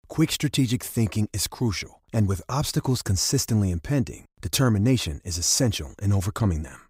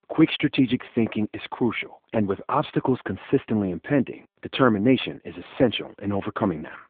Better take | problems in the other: first | phone-call audio

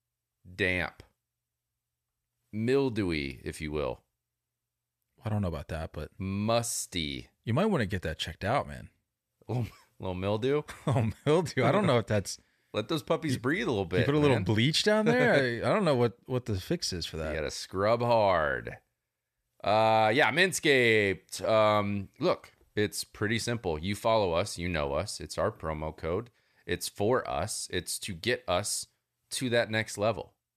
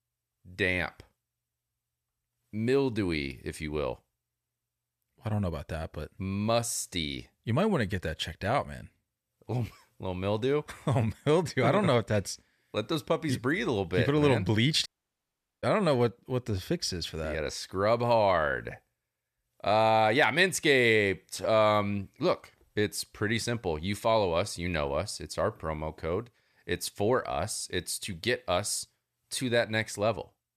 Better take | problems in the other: first | audio cutting out; at 15 s for 1 s

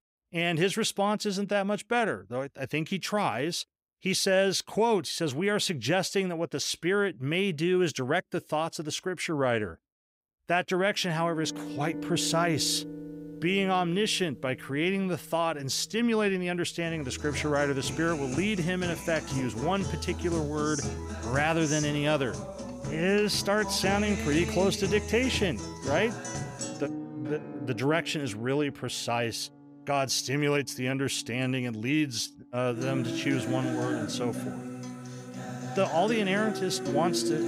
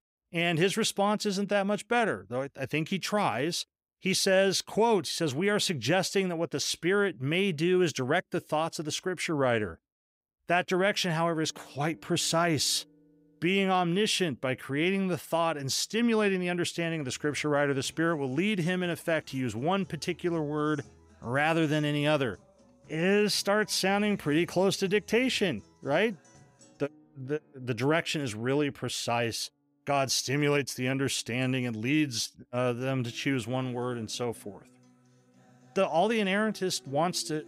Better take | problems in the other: second | background music; loud; from 12 s on; 7 dB below the speech; faint in the second

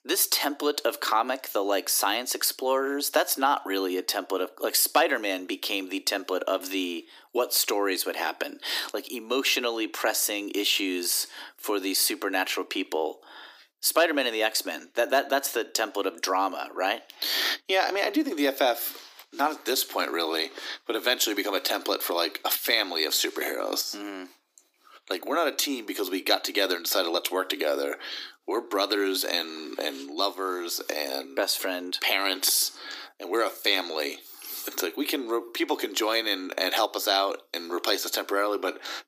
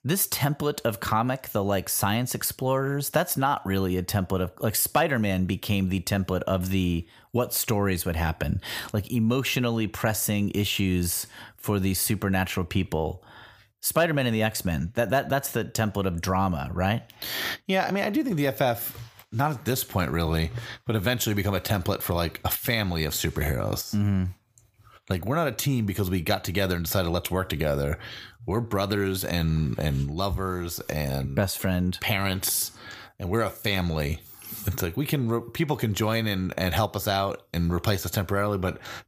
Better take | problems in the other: second | thin; somewhat; fading below 300 Hz

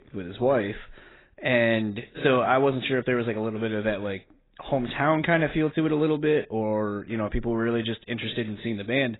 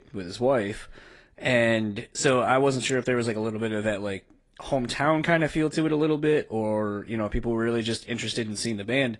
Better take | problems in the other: second | garbled, watery; badly; nothing above 4 kHz; slightly in the second

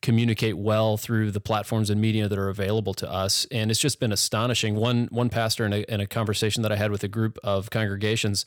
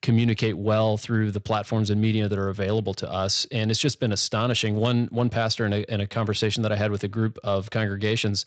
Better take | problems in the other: first | garbled, watery; slightly; nothing above 8 kHz

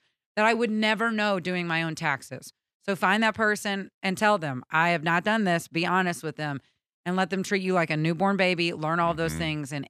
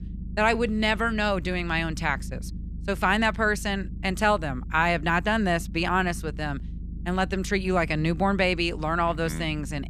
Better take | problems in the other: first | low rumble; faint; throughout; 25 dB below the speech

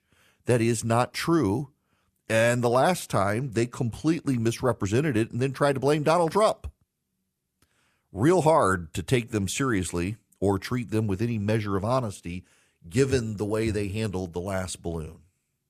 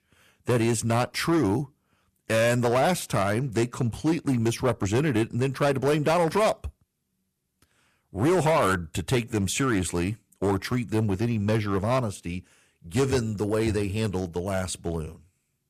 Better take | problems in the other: first | distortion; slight; 8% of the sound clipped

